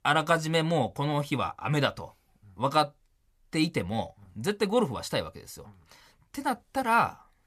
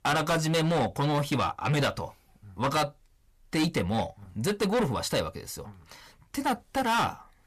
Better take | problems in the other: first | distortion; heavy; 6 dB below the speech

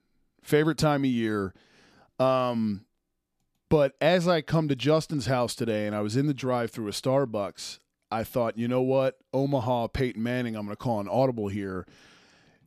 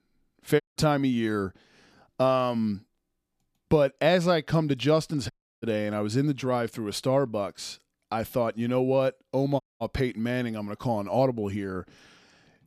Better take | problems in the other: first | audio cutting out; at 0.5 s, at 5.5 s and at 9.5 s

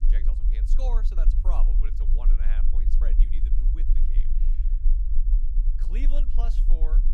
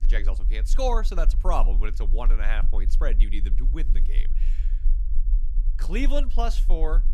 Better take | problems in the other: second | low rumble; loud; throughout; 7 dB below the speech; faint in the second

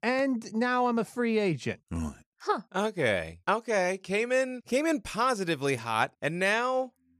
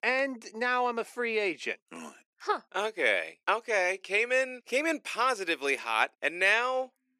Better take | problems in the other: first | thin; somewhat; fading below 300 Hz

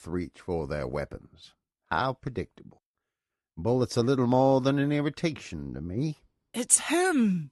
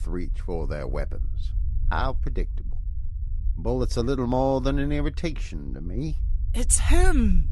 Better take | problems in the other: first | low rumble; faint; throughout; 25 dB below the speech

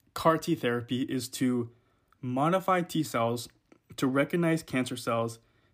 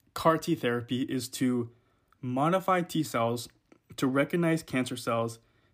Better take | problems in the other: neither | none

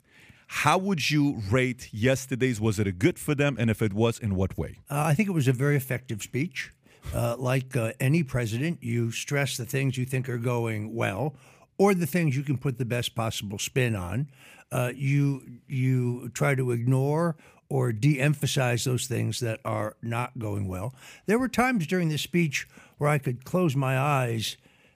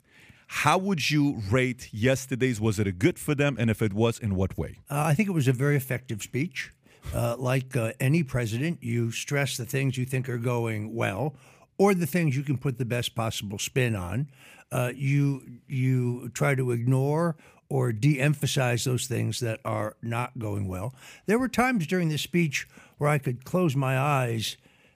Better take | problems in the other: neither | none

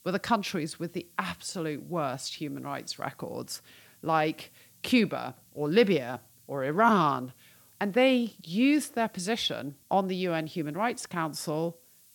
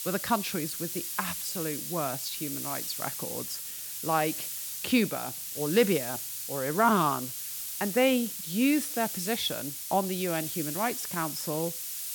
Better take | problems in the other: first | hiss; loud; throughout; 4 dB below the speech; faint in the first

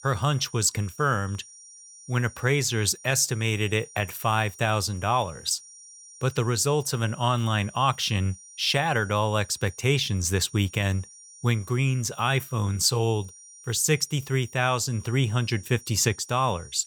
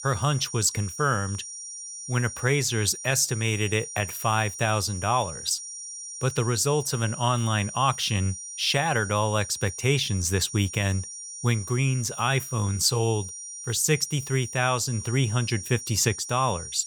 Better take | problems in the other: first | high-pitched whine; loud; throughout; 5.5 kHz, 10 dB below the speech; faint in the first

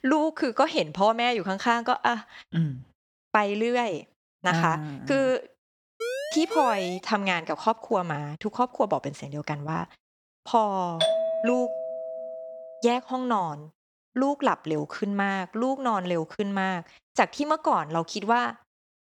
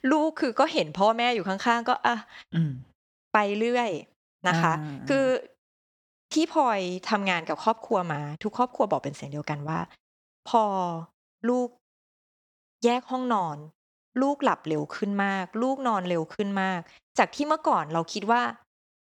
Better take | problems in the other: second | siren; noticeable; from 6 to 7 s; peak 5 dB below the speech // doorbell; loud; from 11 to 13 s; peak 2 dB above the speech

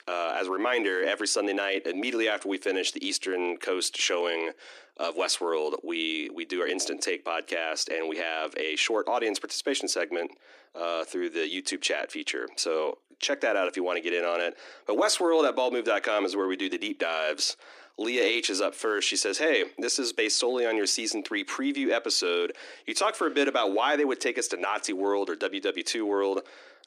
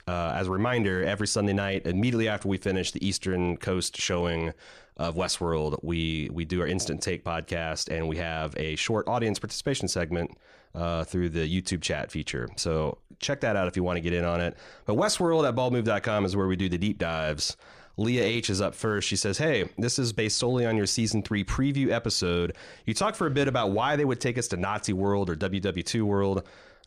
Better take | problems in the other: second | thin; somewhat; fading below 300 Hz

